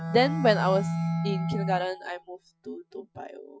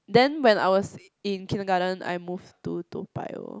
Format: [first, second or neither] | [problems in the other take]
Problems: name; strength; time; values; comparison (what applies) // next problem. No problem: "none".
second | noise reduction (classical method Wiener filter)